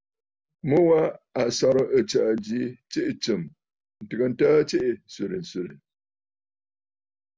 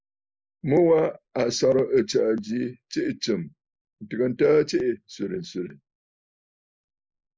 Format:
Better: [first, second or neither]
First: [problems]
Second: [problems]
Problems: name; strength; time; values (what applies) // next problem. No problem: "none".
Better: first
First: none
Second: noise reduction (neural mask model Resemble Enhance denoiser)